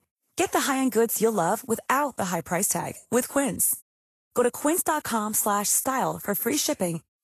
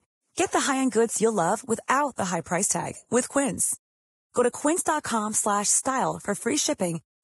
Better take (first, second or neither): first